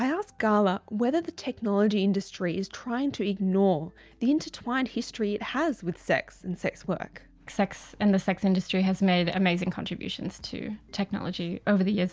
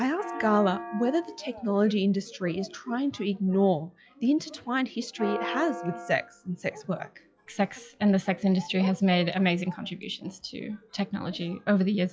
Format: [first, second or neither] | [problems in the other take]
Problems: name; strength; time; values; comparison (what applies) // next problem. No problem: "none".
first | noise reduction (classical method log-MMSE)